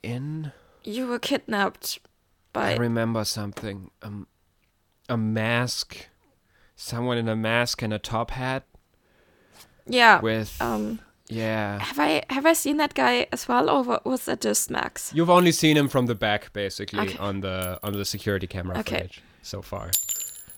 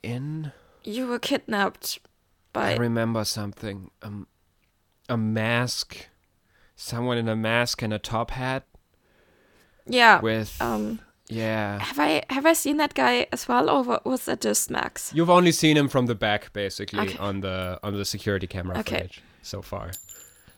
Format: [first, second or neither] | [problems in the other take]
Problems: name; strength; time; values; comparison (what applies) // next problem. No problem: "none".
second | household noises; loud; throughout; 8 dB below the speech; faint in the second